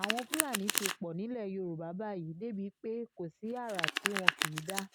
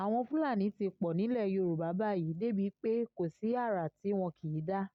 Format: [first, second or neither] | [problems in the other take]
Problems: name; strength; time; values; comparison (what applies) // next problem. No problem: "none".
second | background sound (Domestic sounds, home sounds); 2 dB above the speech